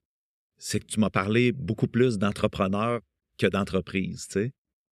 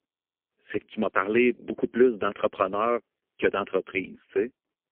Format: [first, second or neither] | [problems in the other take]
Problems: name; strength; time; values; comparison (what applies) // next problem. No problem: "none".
first | phone-call audio; poor line